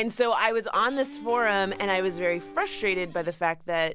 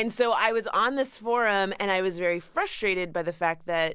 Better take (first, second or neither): second